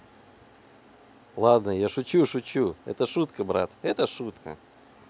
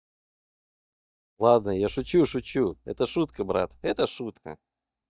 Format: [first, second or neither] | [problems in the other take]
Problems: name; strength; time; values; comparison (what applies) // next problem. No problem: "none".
first | noise reduction (neural mask model DeepFilterNet 3)